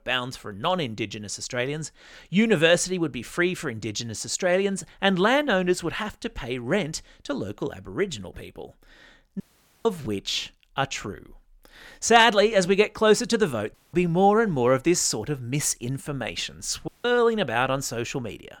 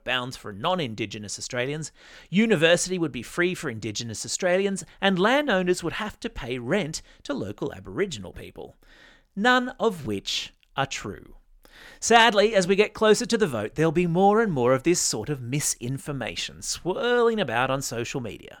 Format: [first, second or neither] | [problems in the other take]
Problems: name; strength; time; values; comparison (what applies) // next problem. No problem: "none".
second | audio cutting out; at 9.5 s, at 14 s and at 17 s